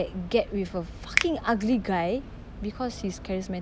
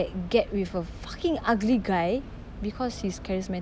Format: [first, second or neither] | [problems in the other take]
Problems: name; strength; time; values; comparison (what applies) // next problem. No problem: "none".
second | background sound (Finger snapping); 7 dB below the speech